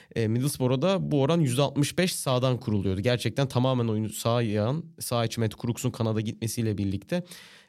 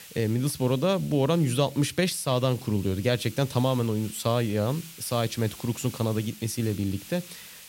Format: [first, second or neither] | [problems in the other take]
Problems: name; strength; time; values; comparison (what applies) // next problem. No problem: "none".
first | hiss; noticeable; throughout; 15 dB below the speech